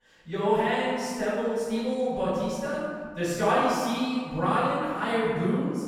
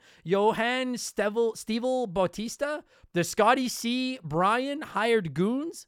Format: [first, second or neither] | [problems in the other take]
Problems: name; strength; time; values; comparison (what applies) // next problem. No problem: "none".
second | room echo; strong; dies away in 1.8 s // off-mic speech; far